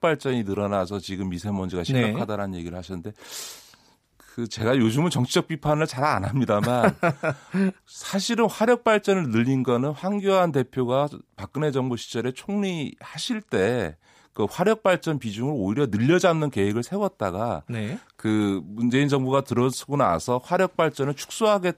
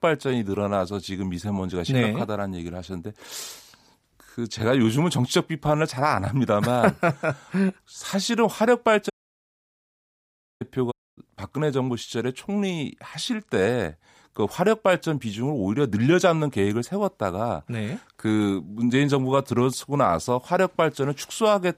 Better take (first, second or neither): first